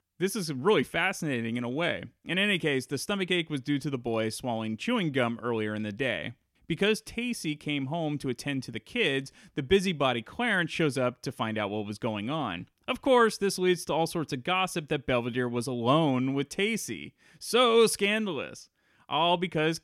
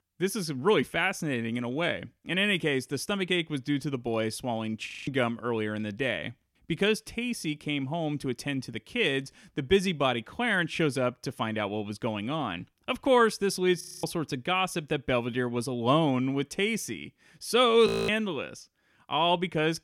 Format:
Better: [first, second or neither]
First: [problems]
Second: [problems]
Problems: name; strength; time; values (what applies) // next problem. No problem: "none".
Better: first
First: none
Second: audio freezing; at 5 s, at 14 s and at 18 s